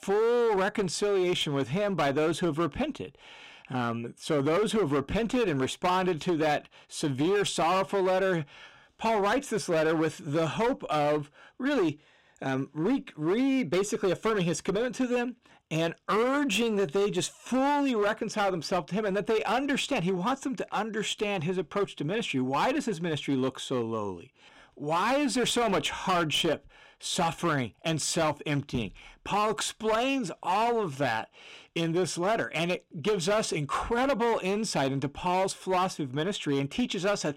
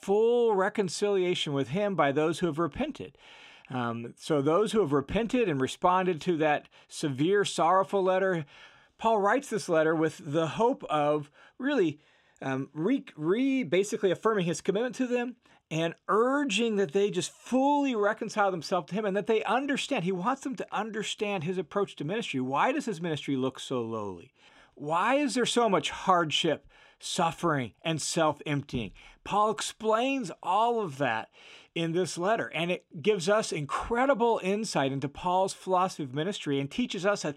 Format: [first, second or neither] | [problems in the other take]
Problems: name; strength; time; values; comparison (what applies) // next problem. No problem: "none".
second | distortion; slight; 14% of the sound clipped